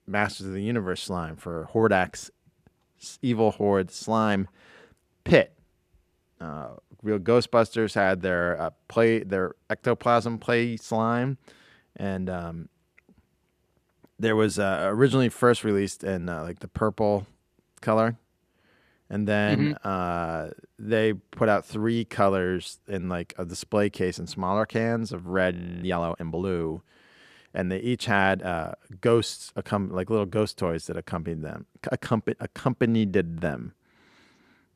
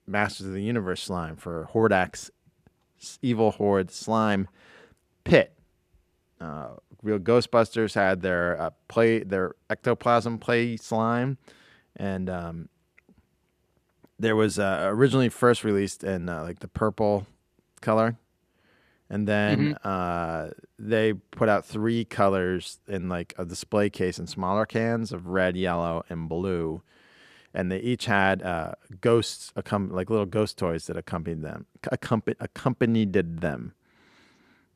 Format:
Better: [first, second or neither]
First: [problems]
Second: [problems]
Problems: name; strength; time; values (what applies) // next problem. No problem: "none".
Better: second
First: audio freezing; at 26 s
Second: none